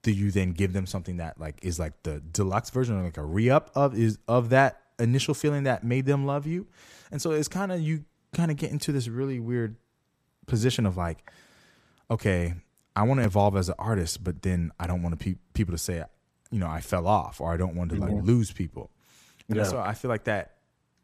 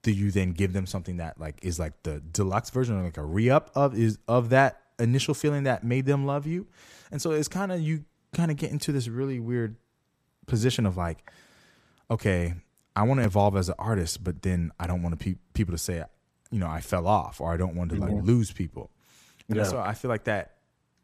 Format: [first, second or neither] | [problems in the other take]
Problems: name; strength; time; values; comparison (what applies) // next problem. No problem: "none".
neither | none